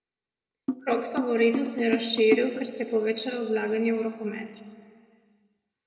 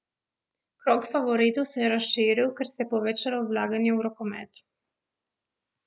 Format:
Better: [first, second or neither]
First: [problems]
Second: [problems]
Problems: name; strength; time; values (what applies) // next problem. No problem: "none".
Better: second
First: background sound (Drum); 4 dB below the speech // room echo; dies away in 1.8 s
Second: none